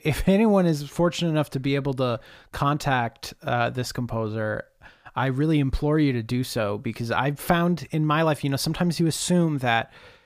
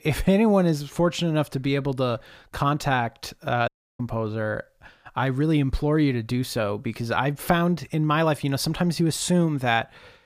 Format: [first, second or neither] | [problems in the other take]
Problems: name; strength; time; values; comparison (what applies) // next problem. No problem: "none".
first | audio cutting out; at 3.5 s